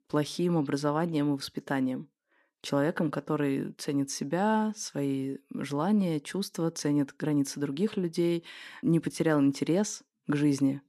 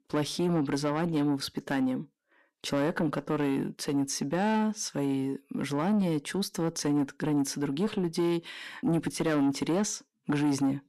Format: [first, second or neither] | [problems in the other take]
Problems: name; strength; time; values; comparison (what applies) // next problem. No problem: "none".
first | distortion; slight; 10 dB below the speech